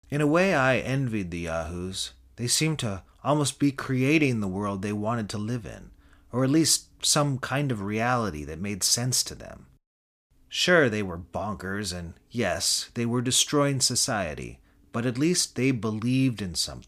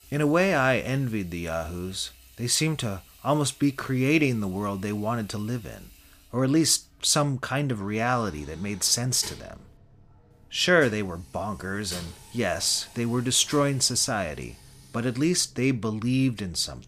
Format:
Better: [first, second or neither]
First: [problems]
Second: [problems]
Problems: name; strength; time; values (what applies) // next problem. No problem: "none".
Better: first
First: none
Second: household noises; faint; throughout; 20 dB below the speech